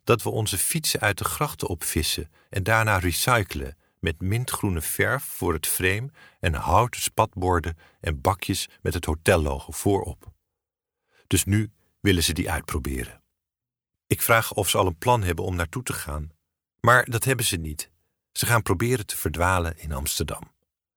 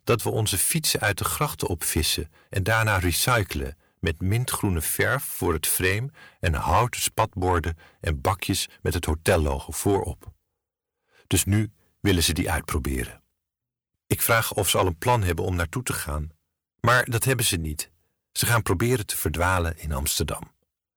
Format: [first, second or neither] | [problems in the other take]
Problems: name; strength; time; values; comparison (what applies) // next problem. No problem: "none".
first | distortion; slight; 10 dB below the speech